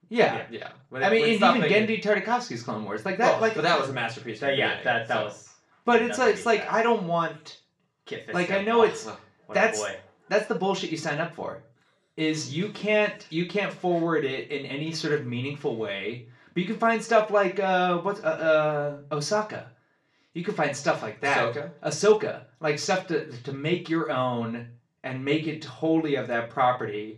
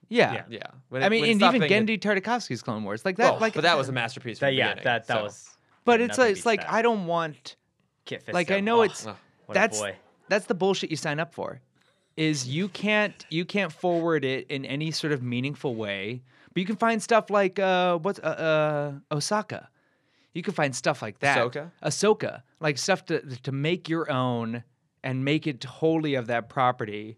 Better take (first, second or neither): second